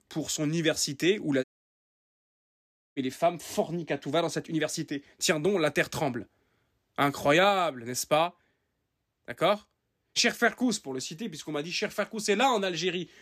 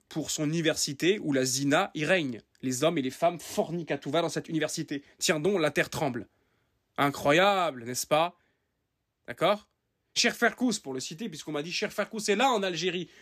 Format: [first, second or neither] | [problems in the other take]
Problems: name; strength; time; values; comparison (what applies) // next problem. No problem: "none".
second | audio cutting out; at 1.5 s for 1.5 s